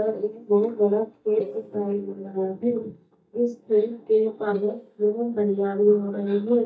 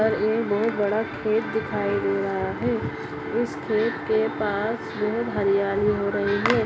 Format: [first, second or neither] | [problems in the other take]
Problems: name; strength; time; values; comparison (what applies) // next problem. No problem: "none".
second | noise reduction (neural mask model DeepFilterNet 3)